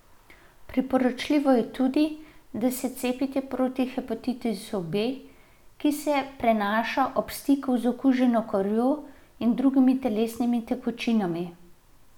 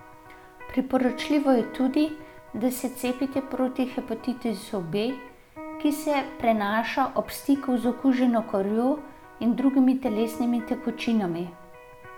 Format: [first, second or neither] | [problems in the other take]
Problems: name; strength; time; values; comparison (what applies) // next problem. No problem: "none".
first | background sound (Electric guitar); 17 dB below the speech